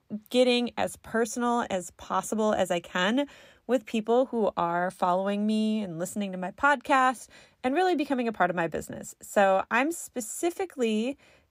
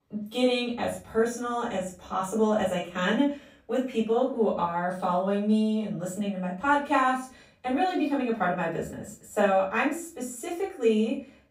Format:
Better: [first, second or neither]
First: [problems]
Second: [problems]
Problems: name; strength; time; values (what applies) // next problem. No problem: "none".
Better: first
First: none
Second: off-mic speech; far // room echo; slight; dies away in 0.3 s